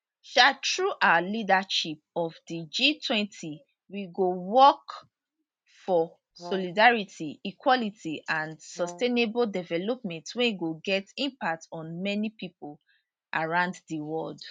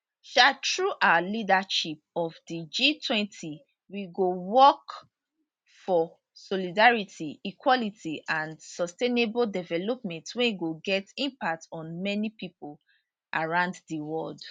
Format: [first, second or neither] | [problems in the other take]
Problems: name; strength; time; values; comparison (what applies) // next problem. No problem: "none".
second | noise reduction (neural mask model RNNoise)